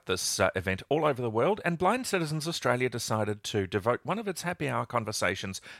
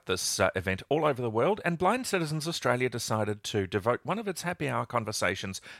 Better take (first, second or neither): neither